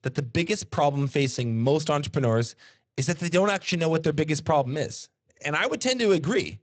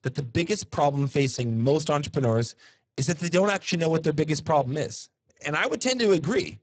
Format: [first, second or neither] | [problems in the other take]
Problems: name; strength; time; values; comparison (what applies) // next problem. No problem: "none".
first | garbled, watery; badly; nothing above 8 kHz; slightly in the first